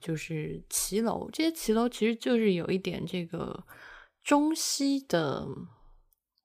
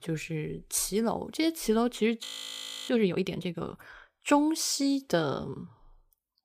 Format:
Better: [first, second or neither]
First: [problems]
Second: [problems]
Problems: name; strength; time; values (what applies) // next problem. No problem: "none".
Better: first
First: none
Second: audio freezing; at 2.5 s for 0.5 s